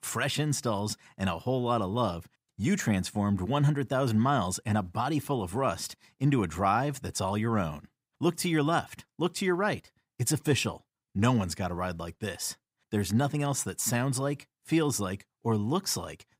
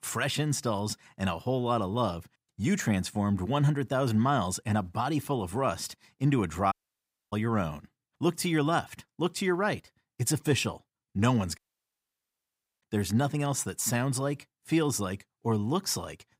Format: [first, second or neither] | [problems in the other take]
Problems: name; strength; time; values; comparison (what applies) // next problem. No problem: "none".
first | audio cutting out; at 6.5 s for 0.5 s and at 12 s for 1 s